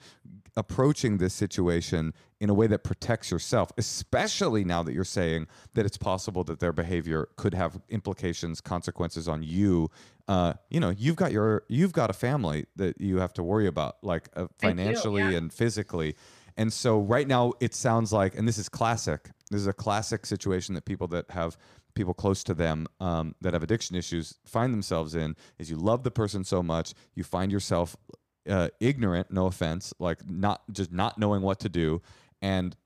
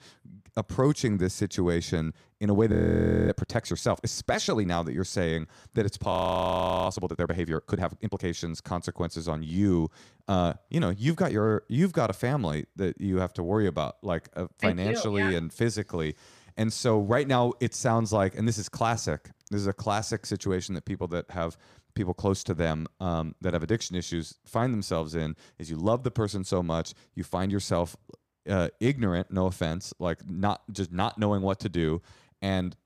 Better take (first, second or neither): first